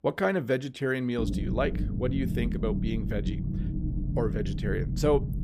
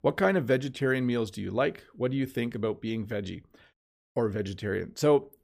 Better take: second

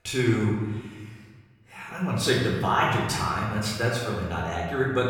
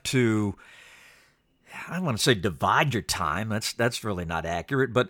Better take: second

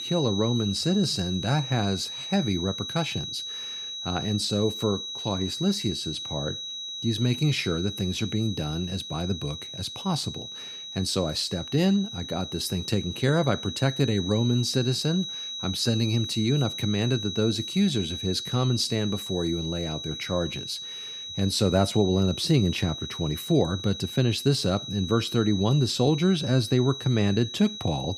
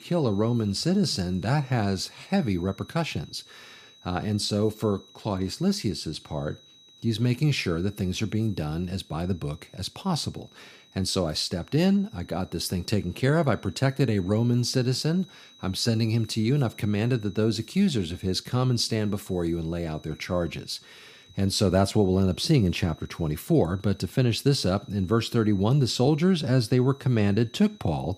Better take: second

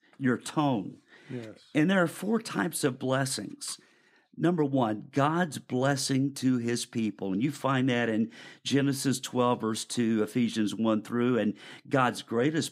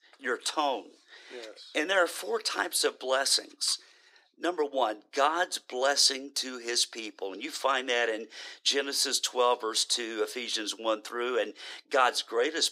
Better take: first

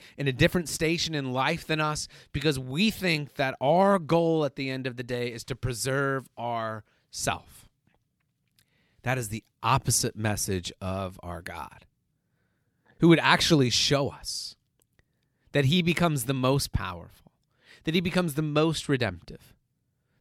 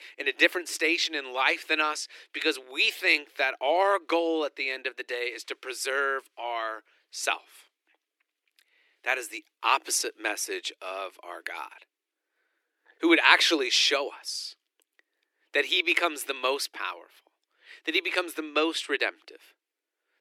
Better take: first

